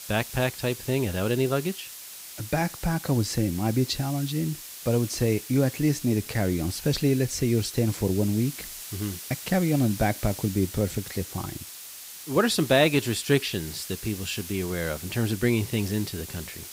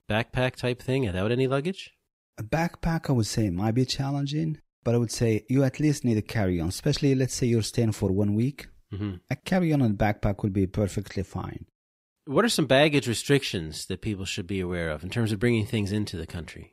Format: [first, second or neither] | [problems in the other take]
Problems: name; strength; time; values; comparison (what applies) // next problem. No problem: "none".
second | hiss; noticeable; throughout; 10 dB below the speech